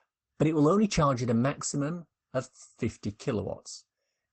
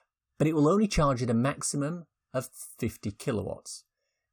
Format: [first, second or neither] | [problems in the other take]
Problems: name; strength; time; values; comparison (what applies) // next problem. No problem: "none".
second | garbled, watery; badly; nothing above 8 kHz